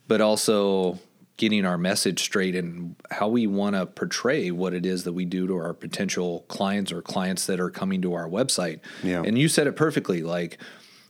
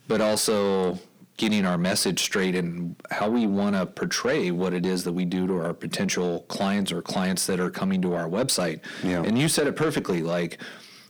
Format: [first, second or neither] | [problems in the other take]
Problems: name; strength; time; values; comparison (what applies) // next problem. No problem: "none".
first | distortion; slight; 10 dB below the speech